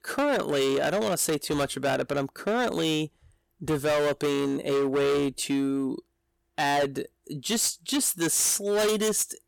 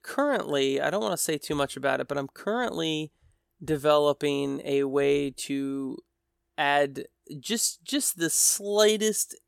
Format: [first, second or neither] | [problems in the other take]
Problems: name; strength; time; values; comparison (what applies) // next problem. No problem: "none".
second | distortion; heavy; 18% of the sound clipped